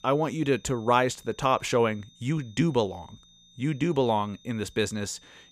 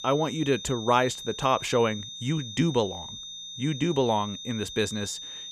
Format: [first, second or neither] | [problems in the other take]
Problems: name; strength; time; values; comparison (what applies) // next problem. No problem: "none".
first | high-pitched whine; loud; throughout; 3.5 kHz, 10 dB below the speech; faint in the first